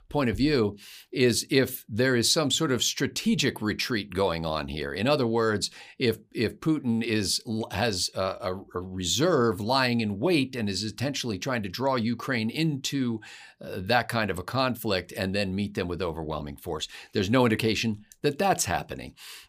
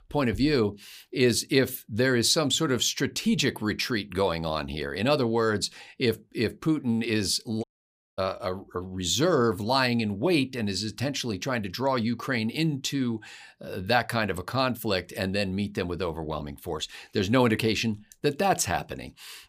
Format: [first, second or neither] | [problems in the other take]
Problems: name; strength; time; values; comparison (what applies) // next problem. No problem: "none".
first | audio cutting out; at 7.5 s for 0.5 s